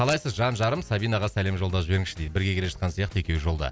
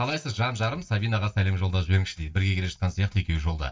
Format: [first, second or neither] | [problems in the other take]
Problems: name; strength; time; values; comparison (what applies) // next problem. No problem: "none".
first | noise reduction (neural mask model DeepFilterNet 3)